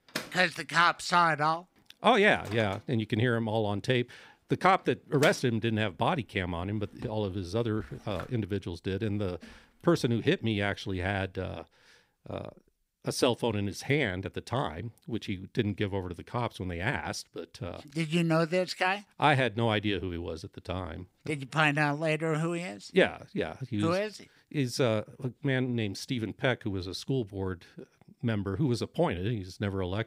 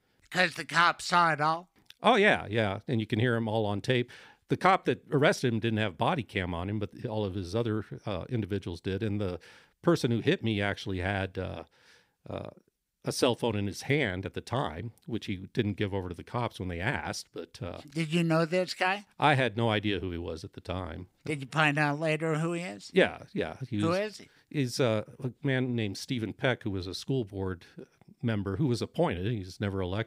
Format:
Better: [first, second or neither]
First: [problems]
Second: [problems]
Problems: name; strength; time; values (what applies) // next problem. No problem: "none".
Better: second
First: household noises; noticeable; until 12 s; 15 dB below the speech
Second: none